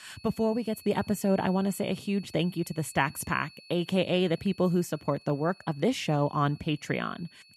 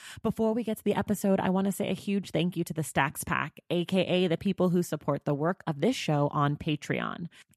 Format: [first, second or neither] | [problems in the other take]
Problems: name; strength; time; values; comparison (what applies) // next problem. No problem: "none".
second | high-pitched whine; faint; throughout; 4.5 kHz, 20 dB below the speech